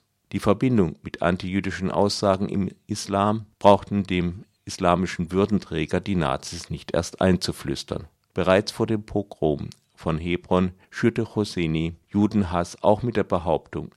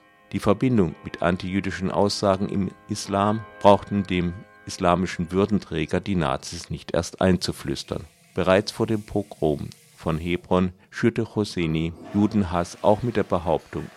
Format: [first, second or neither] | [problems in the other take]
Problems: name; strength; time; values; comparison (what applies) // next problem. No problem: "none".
first | household noises; faint; throughout; 25 dB below the speech